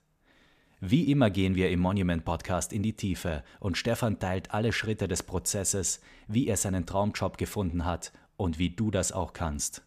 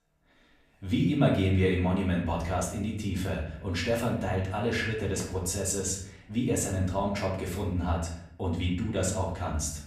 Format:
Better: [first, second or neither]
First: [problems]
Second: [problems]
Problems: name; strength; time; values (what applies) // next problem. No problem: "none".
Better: first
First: none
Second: off-mic speech; far // room echo; noticeable; dies away in 0.7 s